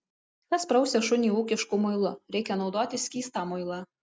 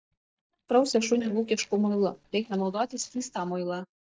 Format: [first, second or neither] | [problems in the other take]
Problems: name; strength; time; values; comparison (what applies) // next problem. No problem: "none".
first | noise reduction (neural mask model DeepFilterNet 3)